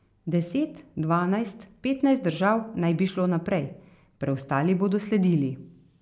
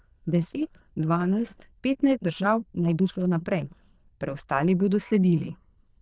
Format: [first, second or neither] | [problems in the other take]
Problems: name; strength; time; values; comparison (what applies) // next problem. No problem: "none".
first | noise reduction (neural diffusion model UNIVERSE++)